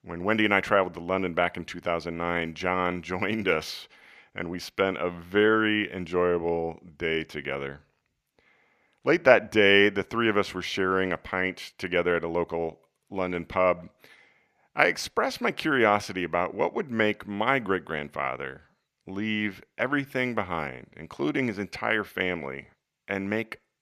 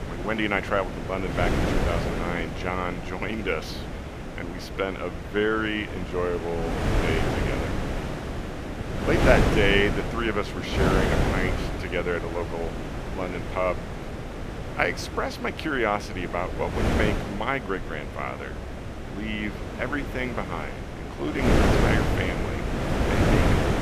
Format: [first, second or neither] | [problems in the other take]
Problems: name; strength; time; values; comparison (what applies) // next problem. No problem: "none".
first | wind noise on the microphone; heavy; 3 dB below the speech